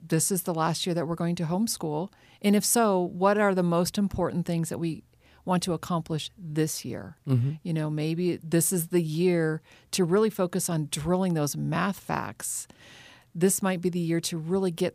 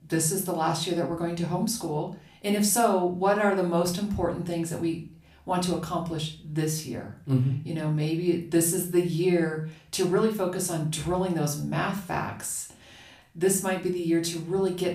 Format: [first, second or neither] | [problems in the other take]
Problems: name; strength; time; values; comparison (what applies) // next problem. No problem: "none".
first | room echo; slight; dies away in 0.4 s // off-mic speech; somewhat distant